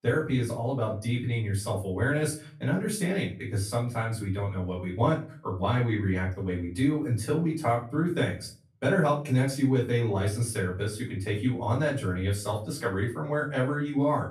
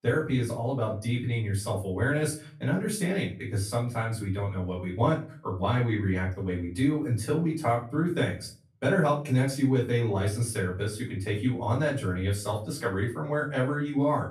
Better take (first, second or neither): neither